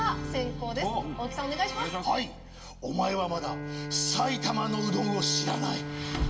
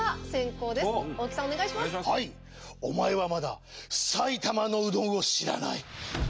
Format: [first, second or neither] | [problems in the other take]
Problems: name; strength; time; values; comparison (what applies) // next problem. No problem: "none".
second | background sound (Bowed string instrument); 7 dB below the speech // room echo; dies away in 1.3 s